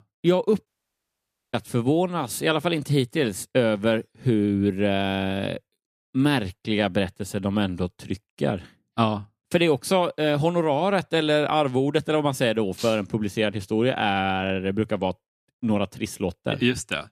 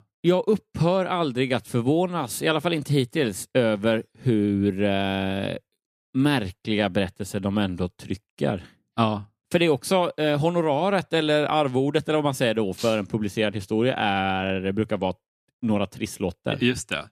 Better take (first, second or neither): second